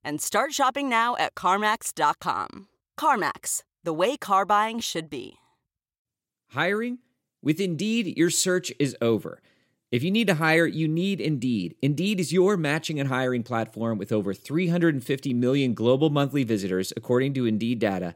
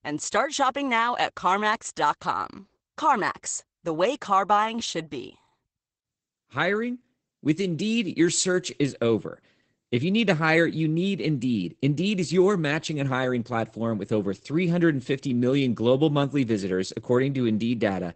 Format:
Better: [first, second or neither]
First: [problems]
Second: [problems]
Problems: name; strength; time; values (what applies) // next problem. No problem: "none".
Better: first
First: none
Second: garbled, watery; badly; nothing above 8 kHz